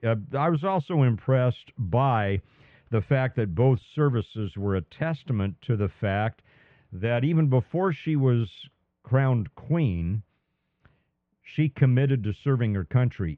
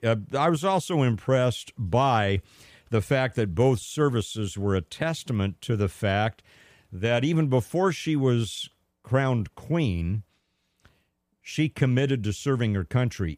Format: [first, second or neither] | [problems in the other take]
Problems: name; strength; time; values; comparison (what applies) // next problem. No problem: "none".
second | muffled; very; fading above 2.5 kHz